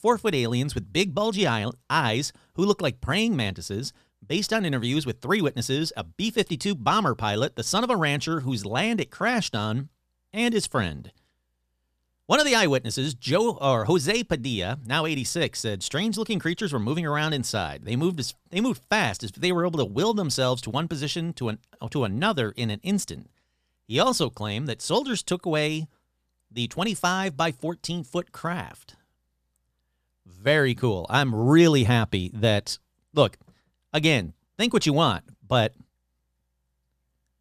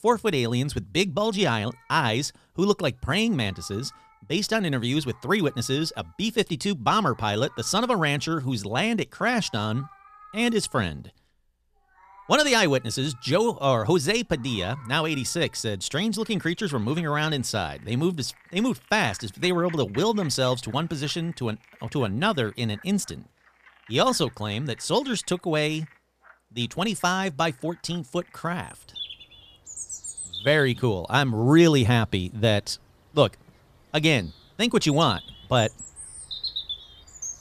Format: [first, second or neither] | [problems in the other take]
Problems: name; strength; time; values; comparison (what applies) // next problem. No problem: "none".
first | animal sounds; noticeable; throughout; 15 dB below the speech